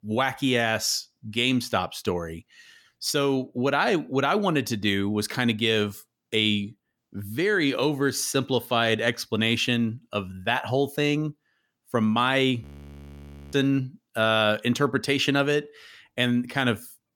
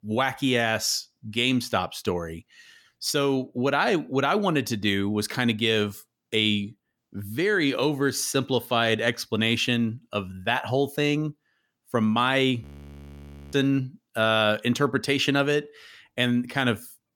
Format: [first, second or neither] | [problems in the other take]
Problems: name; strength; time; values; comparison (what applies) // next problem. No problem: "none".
neither | audio freezing; at 13 s for 1 s; the same in both